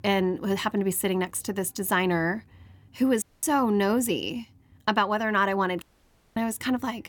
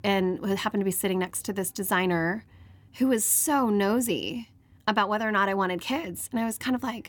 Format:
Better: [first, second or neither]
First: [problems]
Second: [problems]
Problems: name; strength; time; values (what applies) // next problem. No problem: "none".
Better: second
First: audio cutting out; at 3 s and at 6 s for 0.5 s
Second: none